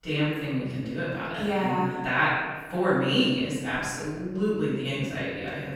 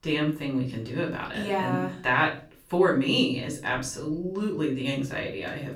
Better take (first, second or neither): second